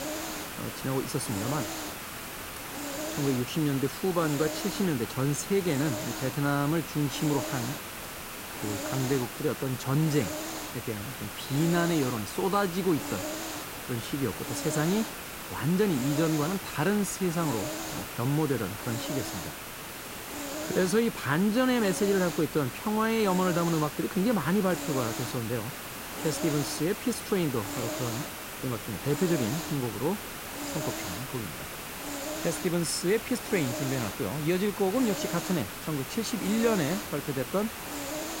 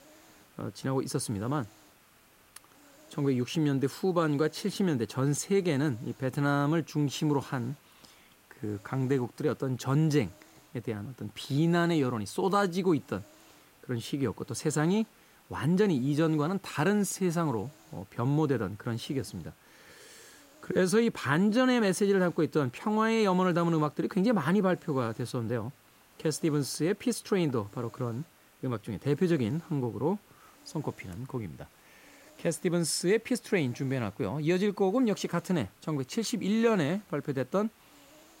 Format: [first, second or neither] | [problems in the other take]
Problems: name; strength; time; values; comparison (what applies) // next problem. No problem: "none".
second | hiss; loud; throughout; 6 dB below the speech; faint in the second